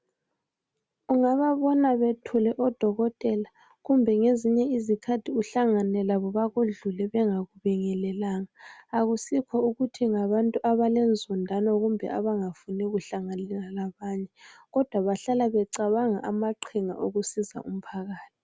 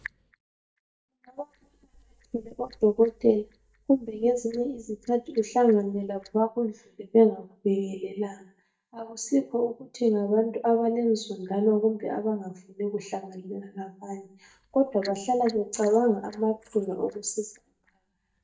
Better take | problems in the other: first | noise reduction (neural mask model DeepFilterNet 3)

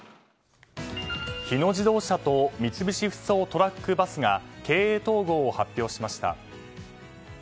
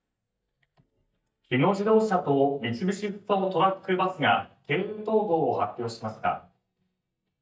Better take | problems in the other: first | noise reduction (neural mask model DeepFilterNet 3)

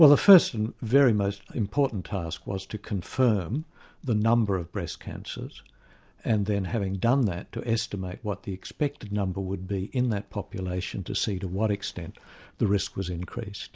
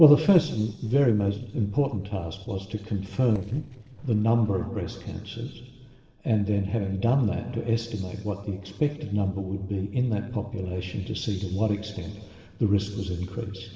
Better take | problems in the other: first | noise reduction (neural separator model SepFormer DNS4)

